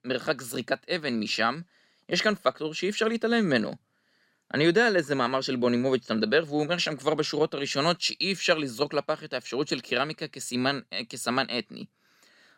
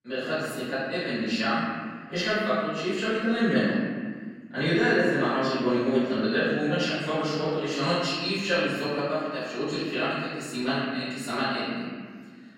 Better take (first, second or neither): first